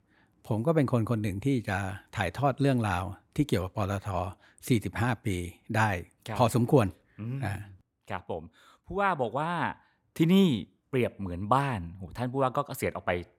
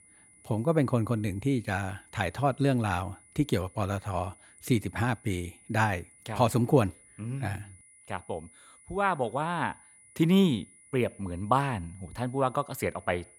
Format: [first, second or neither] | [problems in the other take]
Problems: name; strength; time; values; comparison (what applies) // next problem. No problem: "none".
first | high-pitched whine; faint; throughout; 10 kHz, 25 dB below the speech